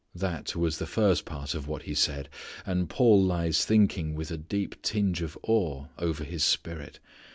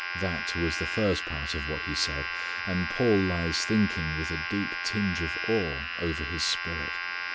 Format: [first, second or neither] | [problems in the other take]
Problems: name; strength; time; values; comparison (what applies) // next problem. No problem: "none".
first | background sound (Domestic sounds, home sounds); 3 dB below the speech